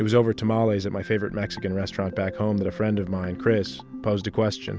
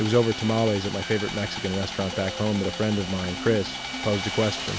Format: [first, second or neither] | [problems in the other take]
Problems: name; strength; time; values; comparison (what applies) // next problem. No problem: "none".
first | background sound (Sawing); 8 dB below the speech